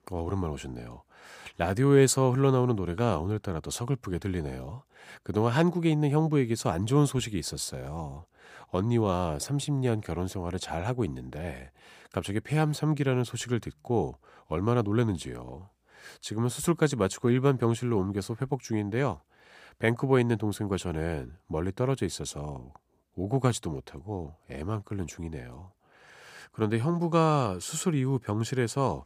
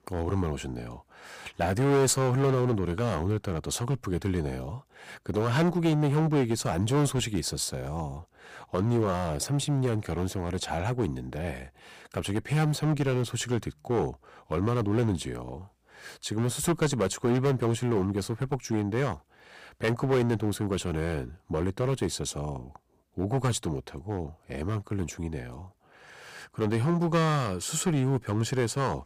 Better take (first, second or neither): first